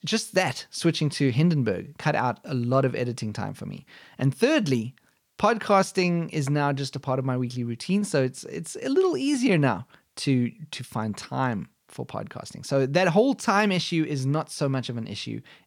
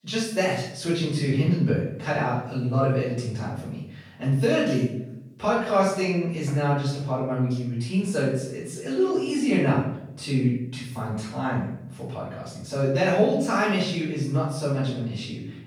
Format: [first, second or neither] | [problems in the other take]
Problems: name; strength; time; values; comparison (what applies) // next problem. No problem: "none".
first | room echo; noticeable; dies away in 0.7 s // off-mic speech; far